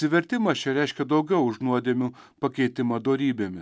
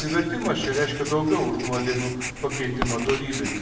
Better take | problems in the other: first | background sound (Writing); 7 dB below the speech // room echo; dies away in 0.9 s

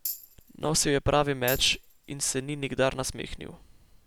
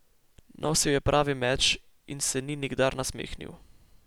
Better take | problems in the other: second | background sound (Tambourine); 13 dB below the speech

